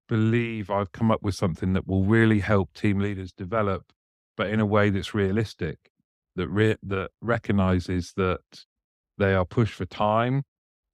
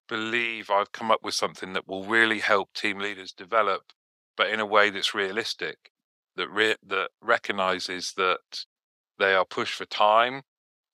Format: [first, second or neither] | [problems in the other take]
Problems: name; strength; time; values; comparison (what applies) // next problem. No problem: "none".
first | thin; very; fading below 650 Hz